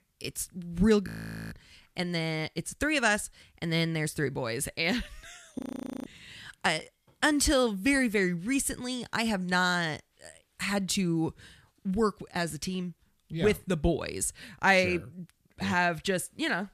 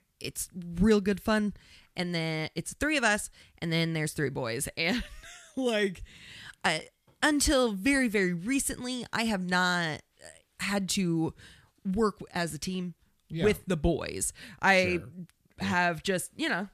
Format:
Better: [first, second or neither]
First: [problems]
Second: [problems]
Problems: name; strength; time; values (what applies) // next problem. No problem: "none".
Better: second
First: audio freezing; at 1 s and at 5.5 s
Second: none